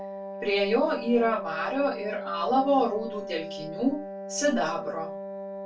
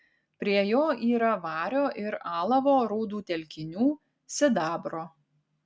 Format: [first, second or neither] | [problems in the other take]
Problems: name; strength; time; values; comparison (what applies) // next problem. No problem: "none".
second | background sound (Wind instrument, woodwind instrument); 9 dB below the speech // room echo; dies away in 0.2 s